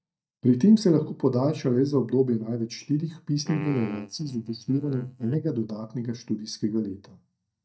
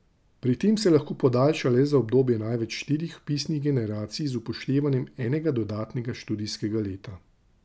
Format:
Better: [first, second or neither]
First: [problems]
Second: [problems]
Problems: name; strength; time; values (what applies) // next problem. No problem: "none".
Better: second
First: noise reduction (neural mask model DeepFilterNet 3)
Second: none